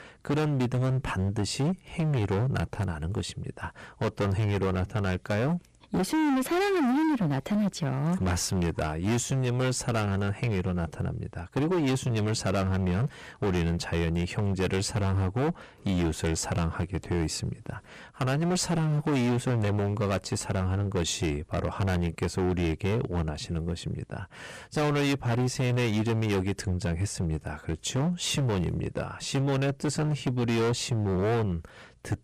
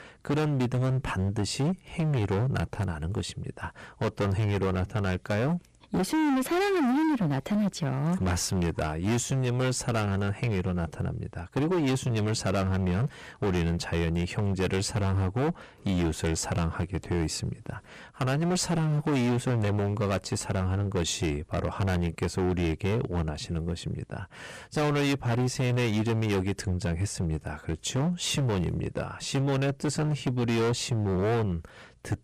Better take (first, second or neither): neither